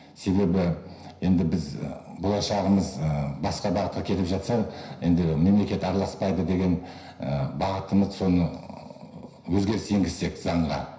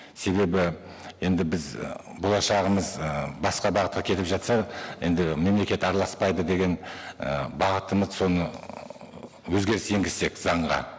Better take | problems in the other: second | room echo; dies away in 0.5 s

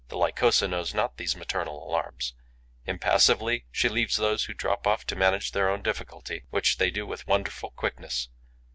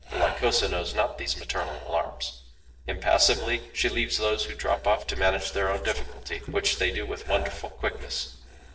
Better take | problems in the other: first | noise reduction (neural separator model SepFormer DNS4)

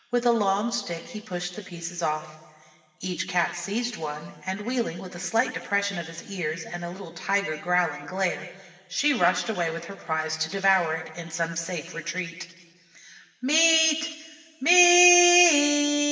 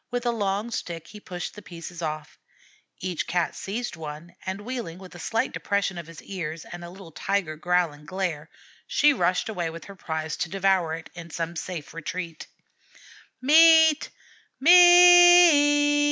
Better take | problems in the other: second | room echo; dies away in 2.2 s

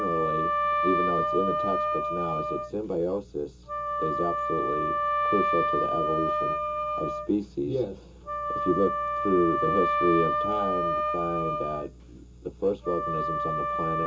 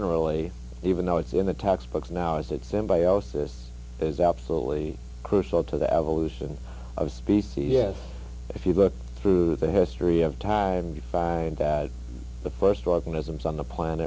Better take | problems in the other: second | background sound (Wind instrument, woodwind instrument); 2 dB above the speech // room echo; dies away in 0.2 s

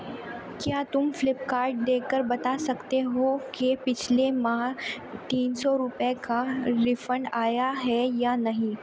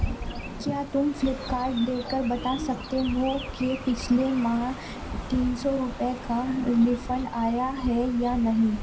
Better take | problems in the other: first | background sound (Chirp, tweet); 9 dB below the speech // room echo; dies away in 0.3 s

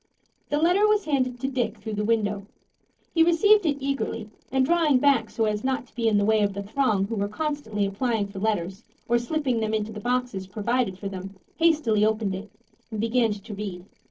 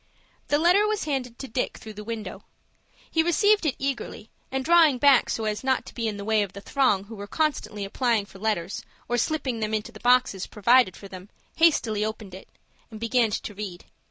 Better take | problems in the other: second | noise reduction (neural separator model SepFormer DNS4)

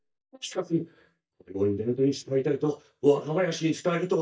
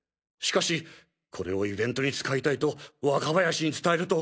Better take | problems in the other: second | noise reduction (neural mask model DeepFilterNet 3)

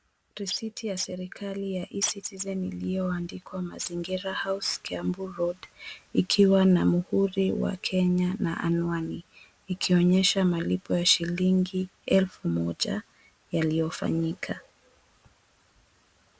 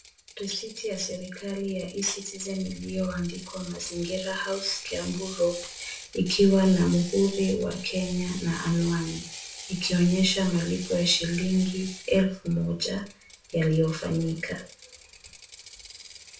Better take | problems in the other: first | background sound (Ratchet, pawl); 16 dB below the speech // room echo; dies away in 0.3 s

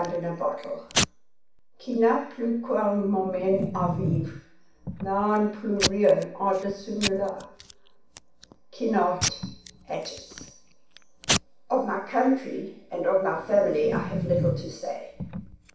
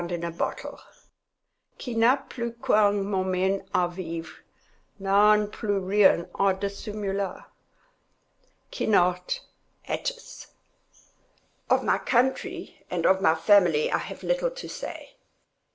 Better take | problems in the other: second | background sound (Packing tape, duct tape / Tearing); 6 dB below the speech // room echo; dies away in 0.6 s

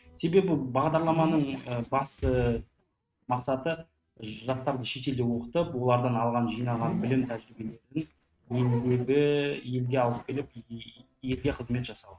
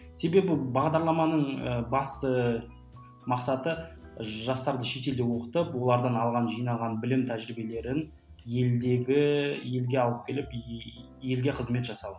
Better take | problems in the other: second | noise reduction (neural mask model RNNoise)

